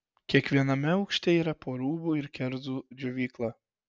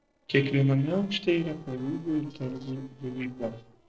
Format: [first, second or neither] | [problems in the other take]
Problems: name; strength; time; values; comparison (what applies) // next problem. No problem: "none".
first | noise reduction (neural separator model SepFormer DNS4)